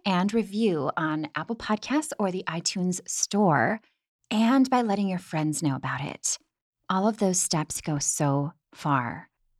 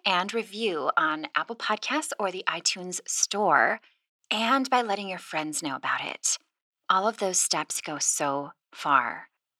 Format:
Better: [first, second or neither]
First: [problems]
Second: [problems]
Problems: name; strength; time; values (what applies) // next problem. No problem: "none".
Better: first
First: none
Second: thin; somewhat; fading below 450 Hz